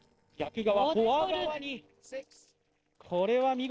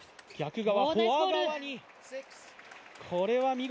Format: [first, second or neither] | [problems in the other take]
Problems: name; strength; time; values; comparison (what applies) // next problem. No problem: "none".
second | noise reduction (neural separator model SepFormer DNS4)